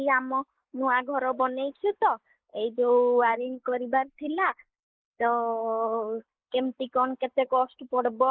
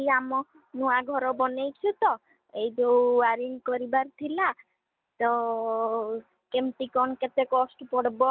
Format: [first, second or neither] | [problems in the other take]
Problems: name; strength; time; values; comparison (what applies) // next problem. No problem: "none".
second | noise reduction (neural mask model Resemble Enhance denoiser)